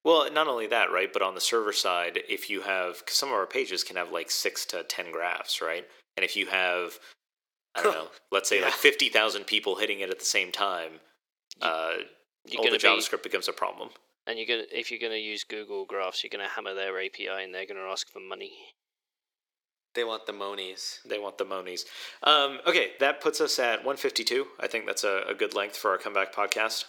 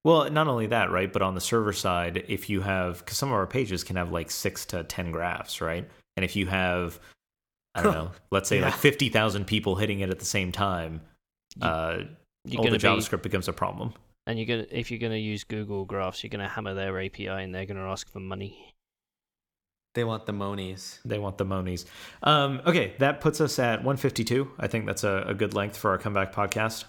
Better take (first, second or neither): second